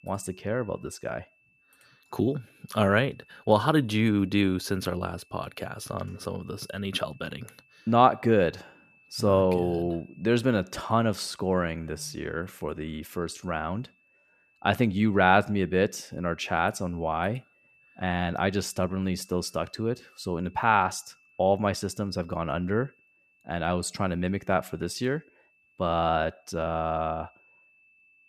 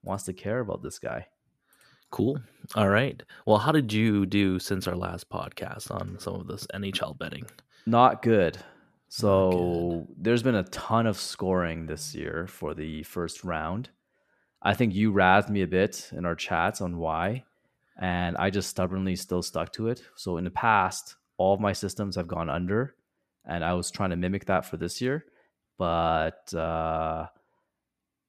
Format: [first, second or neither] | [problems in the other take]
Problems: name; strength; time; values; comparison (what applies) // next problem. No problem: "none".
second | high-pitched whine; faint; throughout; 2.5 kHz, 35 dB below the speech